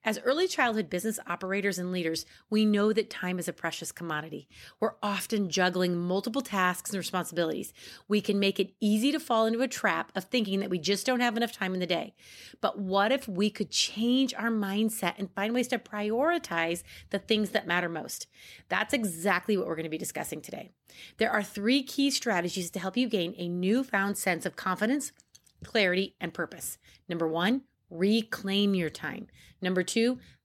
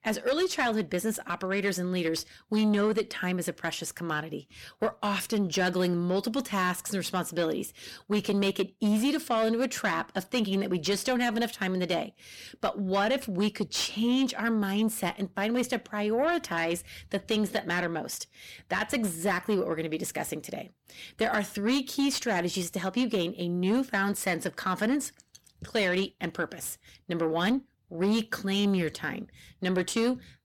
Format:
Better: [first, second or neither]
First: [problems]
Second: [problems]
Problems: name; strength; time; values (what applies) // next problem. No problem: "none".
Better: first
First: none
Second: distortion; slight; 10 dB below the speech